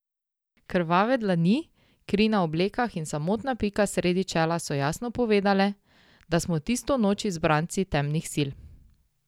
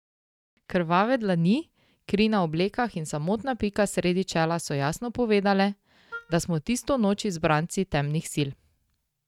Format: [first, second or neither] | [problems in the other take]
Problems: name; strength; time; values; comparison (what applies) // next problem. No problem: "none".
first | noise reduction (neural mask model RNNoise)